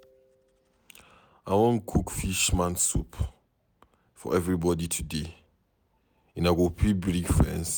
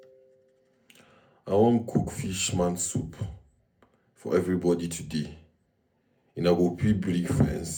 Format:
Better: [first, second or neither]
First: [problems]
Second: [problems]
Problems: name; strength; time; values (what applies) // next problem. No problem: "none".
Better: first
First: none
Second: room echo; dies away in 0.3 s